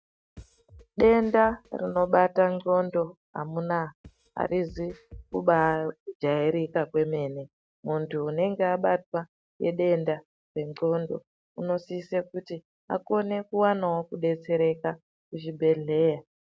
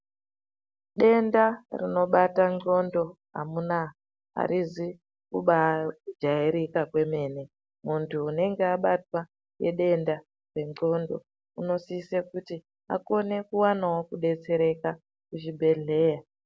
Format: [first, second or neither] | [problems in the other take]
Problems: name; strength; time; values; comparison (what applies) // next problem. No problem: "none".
second | noise reduction (neural mask model RNNoise)